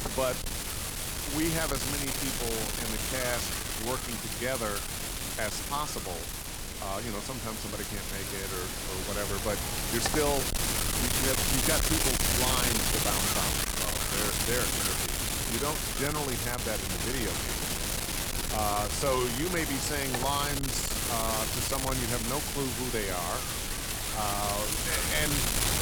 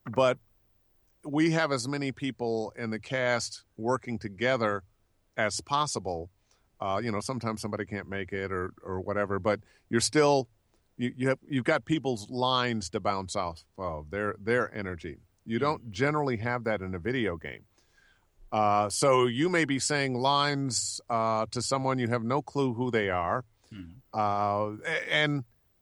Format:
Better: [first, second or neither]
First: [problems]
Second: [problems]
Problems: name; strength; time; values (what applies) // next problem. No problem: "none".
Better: second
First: wind noise on the microphone; heavy; 3 dB above the speech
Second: none